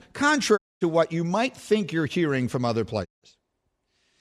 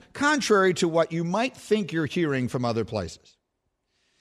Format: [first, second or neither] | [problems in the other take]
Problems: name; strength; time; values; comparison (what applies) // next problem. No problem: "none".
second | audio cutting out; at 0.5 s and at 3 s